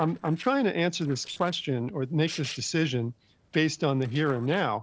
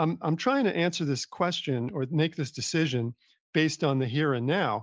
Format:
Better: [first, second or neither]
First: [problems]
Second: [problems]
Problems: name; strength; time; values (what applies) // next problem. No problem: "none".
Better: second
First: noise reduction (neural separator model SepFormer DNS4)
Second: none